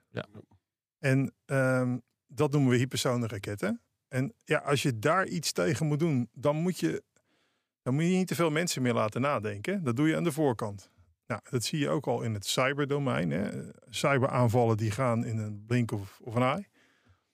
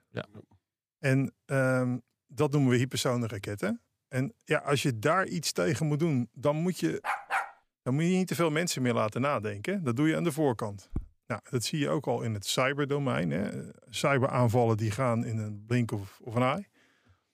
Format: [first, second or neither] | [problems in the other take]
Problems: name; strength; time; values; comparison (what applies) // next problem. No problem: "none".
first | dog barking; noticeable; at 7 s; peak 1 dB below the speech // footsteps; faint; at 11 s; peak 10 dB below the speech